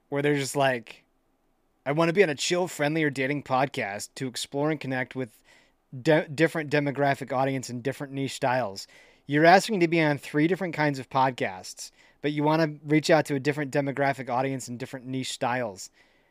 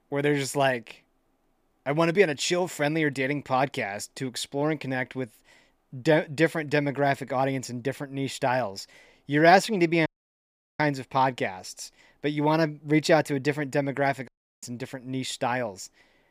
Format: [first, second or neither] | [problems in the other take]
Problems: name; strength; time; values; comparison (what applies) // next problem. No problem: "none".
first | audio cutting out; at 10 s for 0.5 s and at 14 s